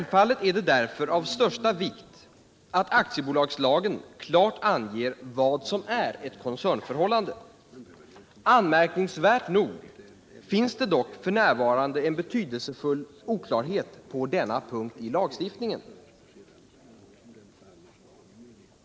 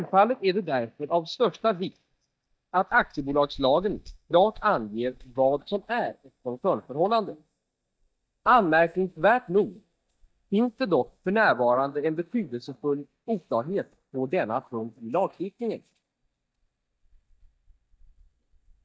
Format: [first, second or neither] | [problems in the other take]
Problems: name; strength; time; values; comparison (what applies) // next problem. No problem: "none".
first | noise reduction (neural mask model DeepFilterNet 3)